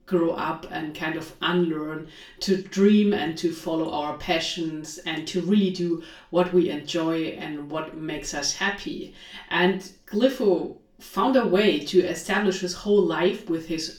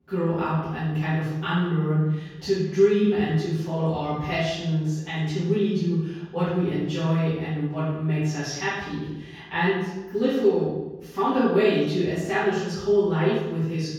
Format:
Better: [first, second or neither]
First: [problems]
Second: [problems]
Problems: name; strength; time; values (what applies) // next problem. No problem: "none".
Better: first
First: room echo; slight; dies away in 0.4 s // off-mic speech; far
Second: room echo; strong; dies away in 1.4 s // off-mic speech; far